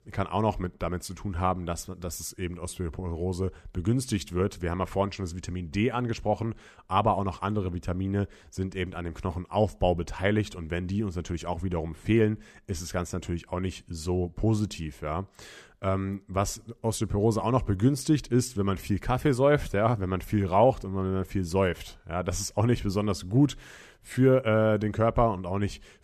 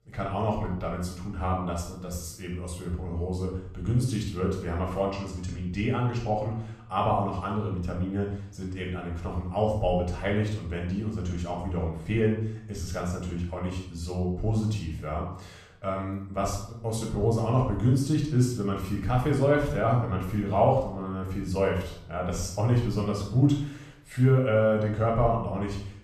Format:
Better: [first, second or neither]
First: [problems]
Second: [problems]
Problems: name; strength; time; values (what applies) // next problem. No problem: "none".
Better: first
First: none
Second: off-mic speech; far // room echo; noticeable; dies away in 0.5 s